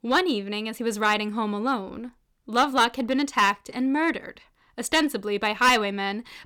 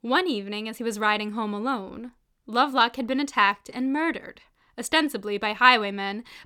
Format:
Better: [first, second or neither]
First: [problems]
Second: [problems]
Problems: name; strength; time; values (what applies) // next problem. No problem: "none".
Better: second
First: distortion; slight; 3% of the sound clipped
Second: none